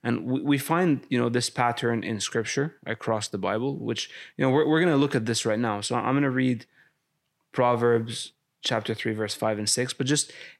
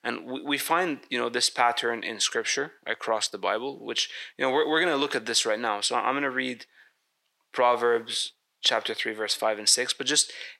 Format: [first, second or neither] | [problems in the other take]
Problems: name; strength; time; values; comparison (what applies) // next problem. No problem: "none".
first | thin; somewhat; fading below 500 Hz